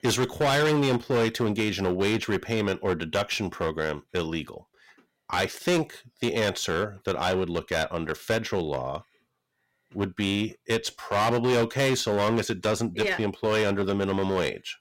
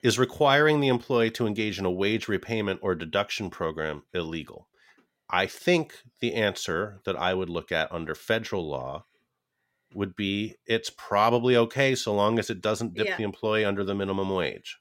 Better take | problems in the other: second | distortion; heavy; 12% of the sound clipped

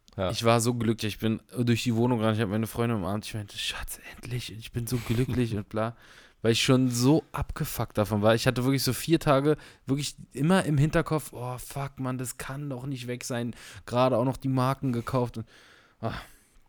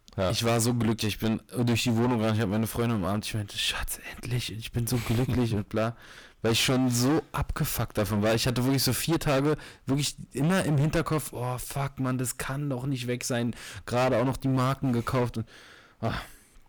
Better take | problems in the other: first | distortion; heavy; 14% of the sound clipped

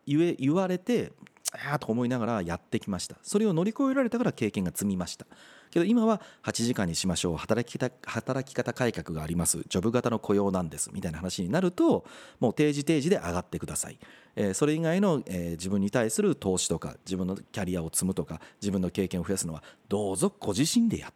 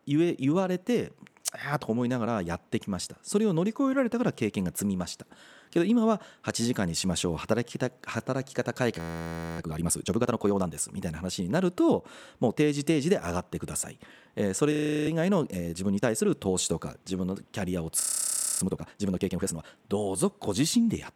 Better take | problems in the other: first | audio freezing; at 9 s for 0.5 s, at 15 s and at 18 s for 0.5 s

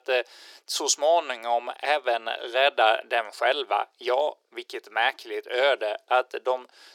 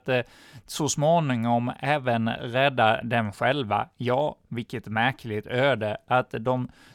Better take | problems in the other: second | thin; very; fading below 350 Hz

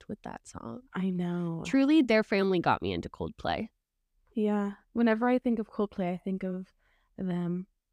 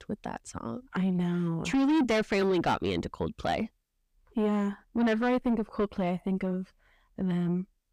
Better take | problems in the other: first | distortion; heavy; 7 dB below the speech

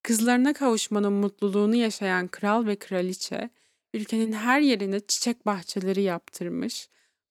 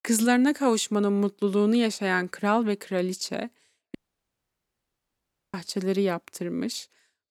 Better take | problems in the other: first | audio cutting out; at 4 s for 1.5 s

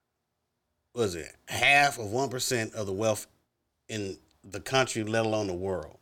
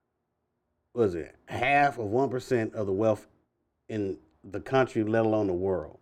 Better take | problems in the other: first | muffled; very; fading above 2.5 kHz

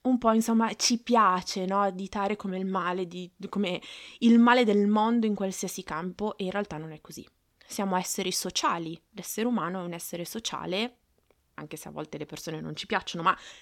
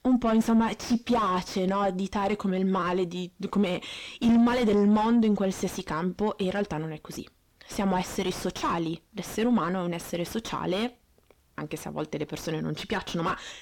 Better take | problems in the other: first | distortion; heavy; 5 dB below the speech

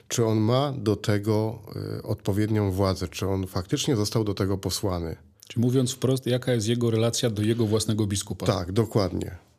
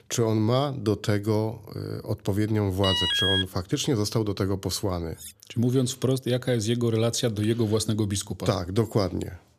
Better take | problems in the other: first | alarm; loud; at 3 s; peak 4 dB above the speech // clattering dishes; faint; at 5 s; peak 15 dB below the speech

